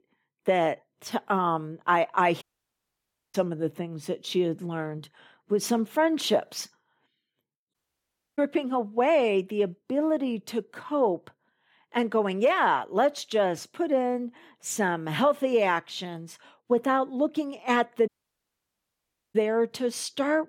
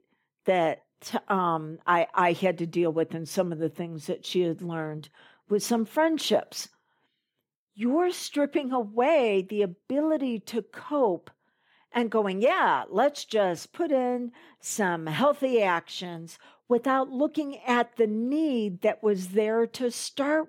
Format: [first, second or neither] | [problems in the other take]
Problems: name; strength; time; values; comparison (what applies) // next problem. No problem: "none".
second | audio cutting out; at 2.5 s for 1 s, at 7.5 s for 0.5 s and at 18 s for 1.5 s